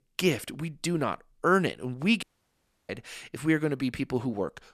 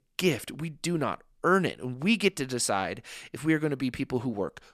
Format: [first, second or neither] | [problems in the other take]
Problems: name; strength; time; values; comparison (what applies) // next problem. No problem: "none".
second | audio cutting out; at 2 s for 0.5 s